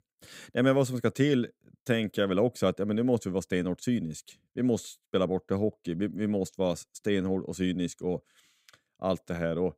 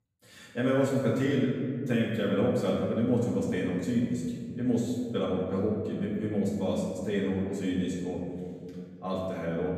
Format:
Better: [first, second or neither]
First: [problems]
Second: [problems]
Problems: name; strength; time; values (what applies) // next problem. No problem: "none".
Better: first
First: none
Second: off-mic speech; far // room echo; noticeable; dies away in 2.2 s